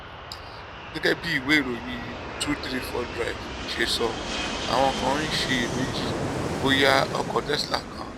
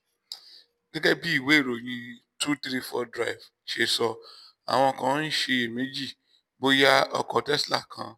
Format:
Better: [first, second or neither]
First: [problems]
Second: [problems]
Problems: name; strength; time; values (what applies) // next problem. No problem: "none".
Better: second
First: background sound (Fixed-wing aircraft, airplane); 4 dB below the speech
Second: none